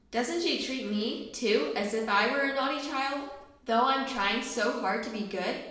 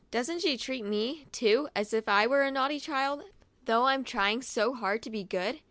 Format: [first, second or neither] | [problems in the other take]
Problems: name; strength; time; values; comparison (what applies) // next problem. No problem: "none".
second | room echo; dies away in 0.9 s